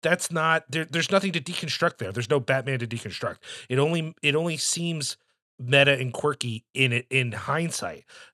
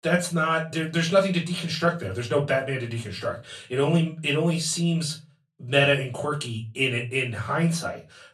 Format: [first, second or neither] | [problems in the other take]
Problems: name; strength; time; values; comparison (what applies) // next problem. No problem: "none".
first | off-mic speech; far // room echo; very slight; dies away in 0.3 s